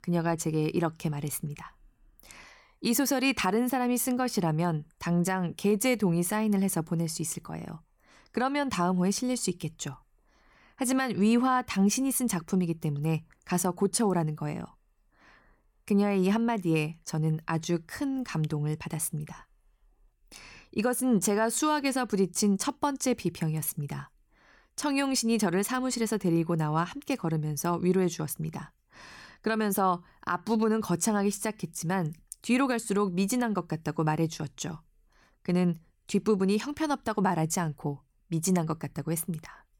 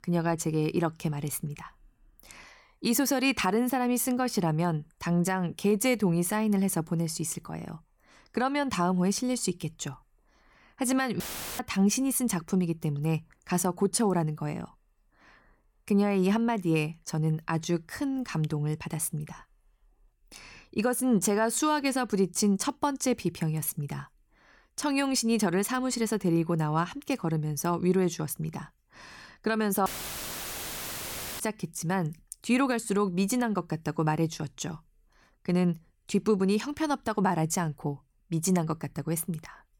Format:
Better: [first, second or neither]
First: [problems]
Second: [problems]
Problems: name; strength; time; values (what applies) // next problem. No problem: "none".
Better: first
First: none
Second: audio cutting out; filled with static; at 11 s and at 30 s for 1.5 s